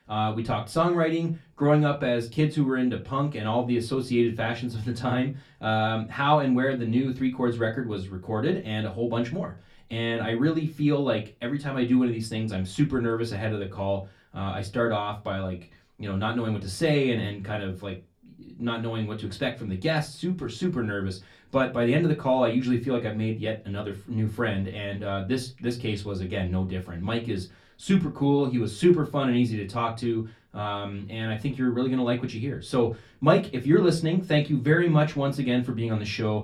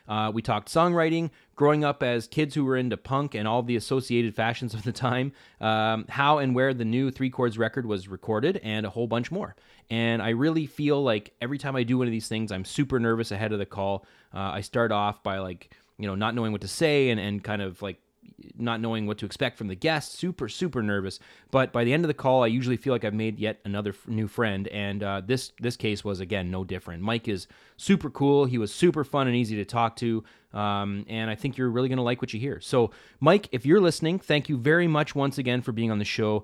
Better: second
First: off-mic speech; far // room echo; very slight; dies away in 0.2 s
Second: none

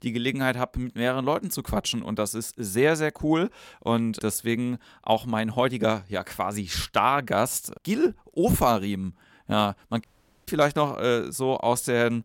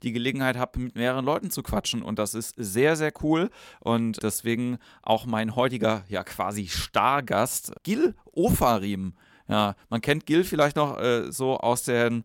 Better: second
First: audio cutting out; at 10 s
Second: none

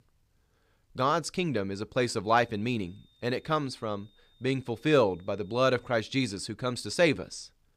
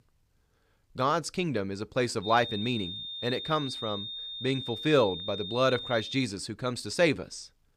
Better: first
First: high-pitched whine; faint; from 2 to 6 s; 3.5 kHz, 35 dB below the speech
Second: high-pitched whine; loud; from 2 to 6 s; 3.5 kHz, 7 dB below the speech

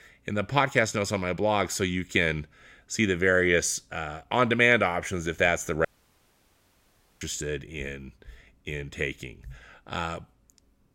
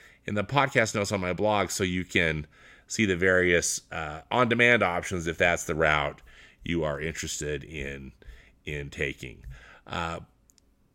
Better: second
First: audio cutting out; at 6 s for 1.5 s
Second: none

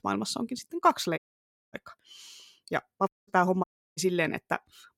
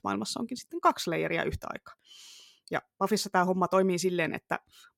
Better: second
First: audio cutting out; at 1 s for 0.5 s, at 3 s and at 3.5 s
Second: none

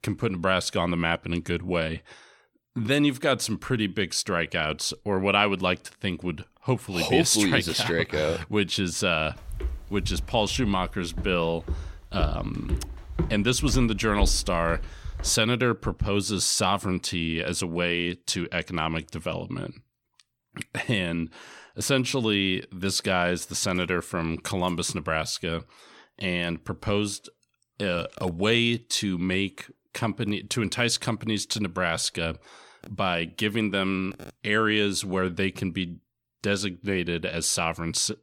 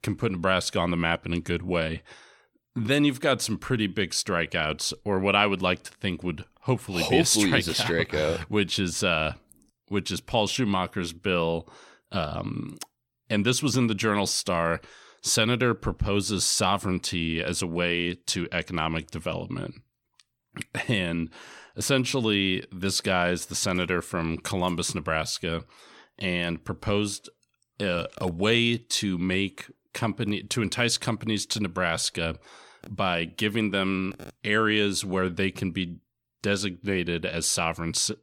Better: second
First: footsteps; noticeable; from 9.5 to 15 s; peak 4 dB below the speech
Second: none

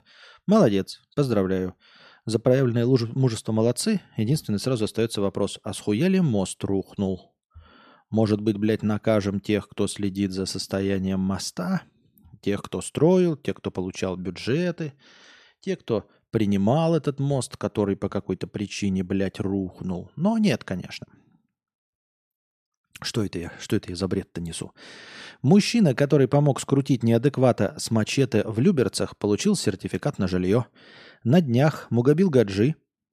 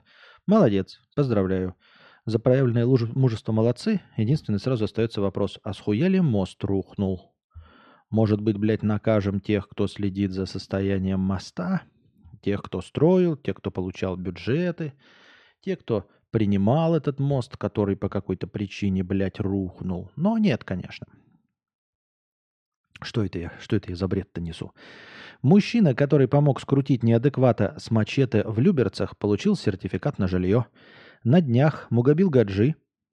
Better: first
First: none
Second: muffled; very slightly; fading above 3.5 kHz

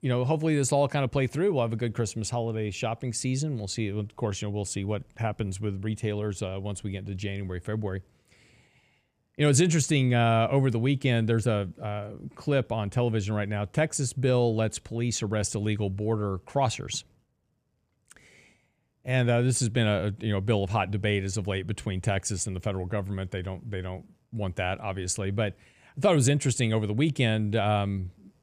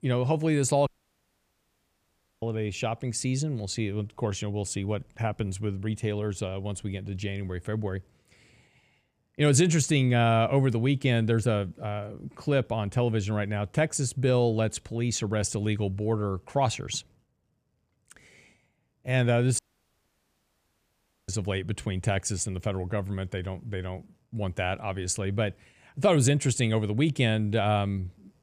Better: first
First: none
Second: audio cutting out; at 1 s for 1.5 s and at 20 s for 1.5 s

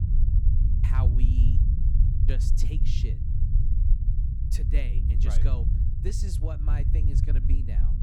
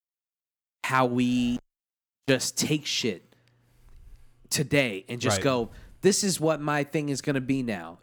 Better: second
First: low rumble; loud; throughout; as loud as the speech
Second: none

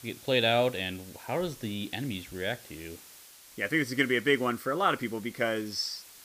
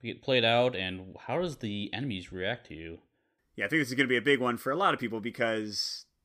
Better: second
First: hiss; noticeable; throughout; 20 dB below the speech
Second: none

